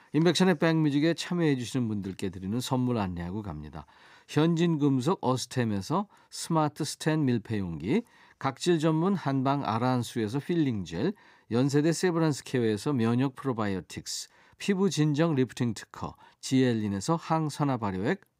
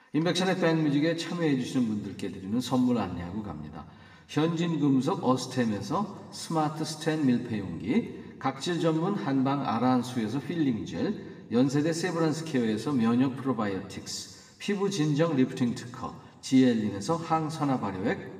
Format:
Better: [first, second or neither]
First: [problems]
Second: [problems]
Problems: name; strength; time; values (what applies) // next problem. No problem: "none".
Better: first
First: none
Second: room echo; slight; dies away in 1.4 s // off-mic speech; somewhat distant